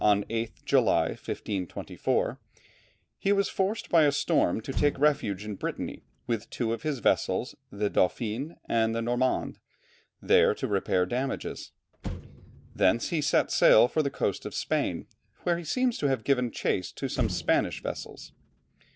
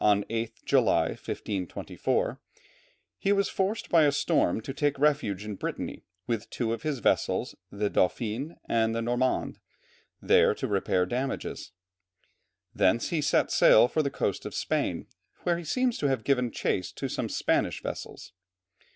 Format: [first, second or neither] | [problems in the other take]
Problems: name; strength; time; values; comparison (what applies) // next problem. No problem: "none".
second | background sound (Motor vehicle (road)); 16 dB below the speech